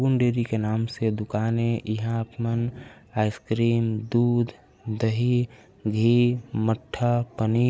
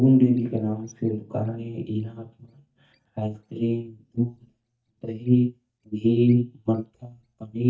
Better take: first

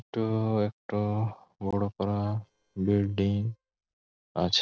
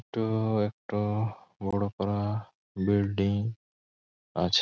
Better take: second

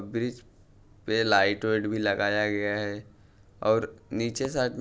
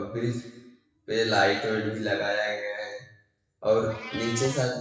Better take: first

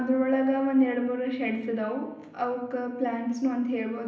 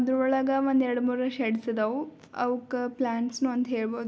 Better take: second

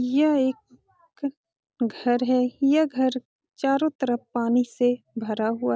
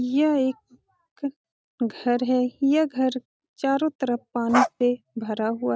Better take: first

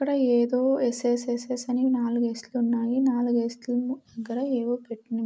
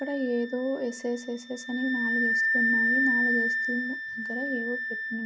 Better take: first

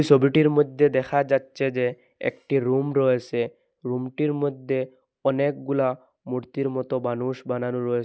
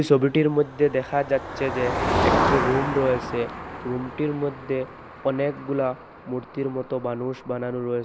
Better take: first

